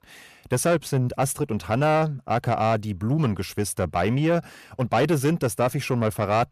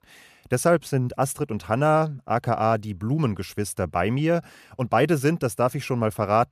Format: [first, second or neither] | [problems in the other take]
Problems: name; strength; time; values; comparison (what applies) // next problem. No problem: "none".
second | distortion; slight; 10 dB below the speech